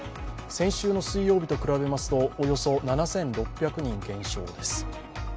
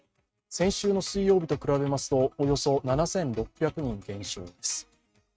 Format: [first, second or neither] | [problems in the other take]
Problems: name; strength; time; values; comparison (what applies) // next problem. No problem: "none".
first | noise reduction (neural mask model RNNoise)